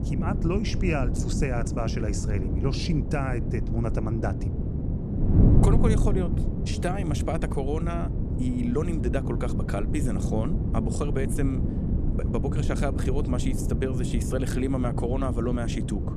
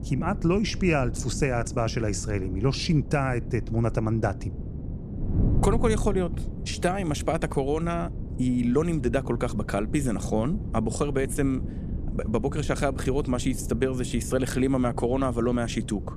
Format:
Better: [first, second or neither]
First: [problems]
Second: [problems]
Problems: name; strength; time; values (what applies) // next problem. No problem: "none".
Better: second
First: wind noise on the microphone; heavy; 4 dB below the speech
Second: wind noise on the microphone; occasional gusts; 15 dB below the speech